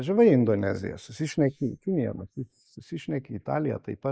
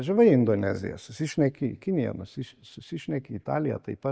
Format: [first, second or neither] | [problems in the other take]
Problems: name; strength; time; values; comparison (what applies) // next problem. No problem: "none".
second | noise reduction (neural mask model Resemble Enhance denoiser)